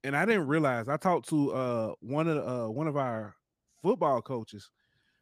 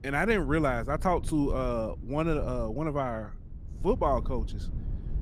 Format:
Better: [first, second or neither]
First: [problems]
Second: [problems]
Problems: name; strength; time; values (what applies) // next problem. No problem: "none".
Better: first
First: none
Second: low rumble; faint; throughout; 25 dB below the speech